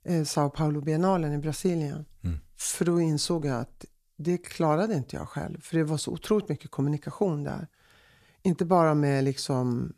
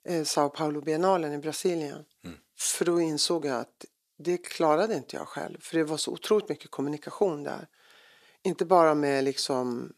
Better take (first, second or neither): first